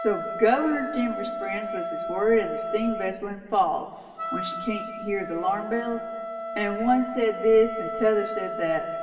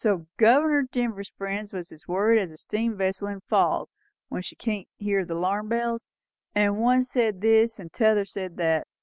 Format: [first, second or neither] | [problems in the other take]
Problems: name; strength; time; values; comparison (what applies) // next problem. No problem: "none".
second | background sound (Wind instrument, woodwind instrument); 7 dB below the speech // room echo; dies away in 2.2 s